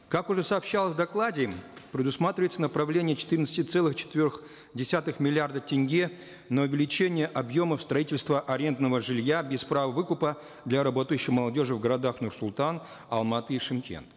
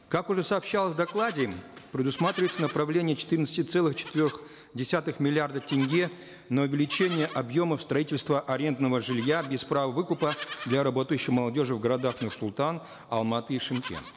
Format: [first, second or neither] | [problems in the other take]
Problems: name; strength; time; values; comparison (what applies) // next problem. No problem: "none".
first | background sound (Livestock, farm animals, working animals); 17 dB below the speech